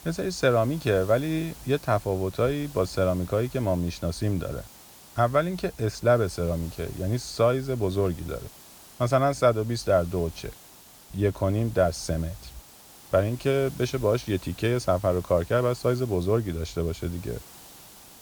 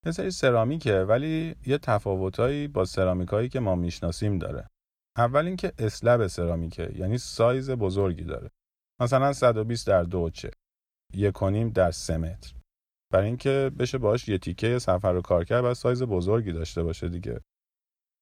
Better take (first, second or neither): second